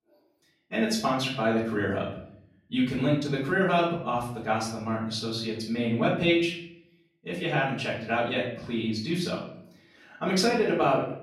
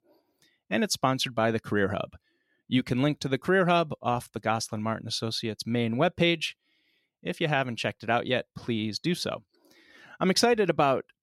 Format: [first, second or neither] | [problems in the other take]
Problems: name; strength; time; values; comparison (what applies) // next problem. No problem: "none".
second | off-mic speech; far // room echo; noticeable; dies away in 0.6 s